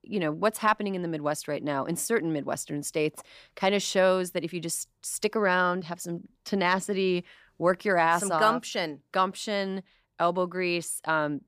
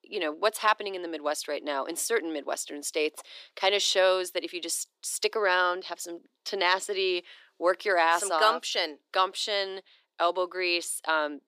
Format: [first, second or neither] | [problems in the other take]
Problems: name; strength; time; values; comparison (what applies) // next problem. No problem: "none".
first | thin; very; fading below 350 Hz